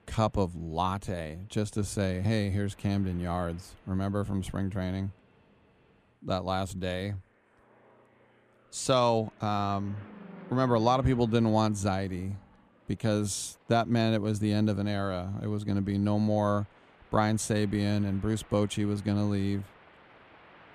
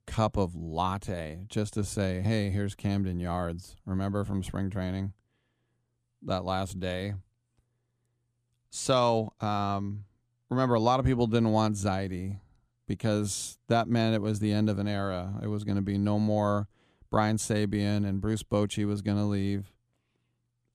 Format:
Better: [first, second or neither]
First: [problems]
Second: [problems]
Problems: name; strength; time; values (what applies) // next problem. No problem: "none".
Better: second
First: train or aircraft noise; faint; throughout; 25 dB below the speech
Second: none